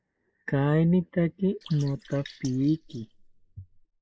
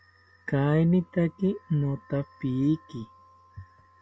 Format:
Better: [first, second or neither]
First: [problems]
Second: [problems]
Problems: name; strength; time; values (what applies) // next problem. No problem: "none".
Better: second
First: noise reduction (neural mask model Resemble Enhance denoiser)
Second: none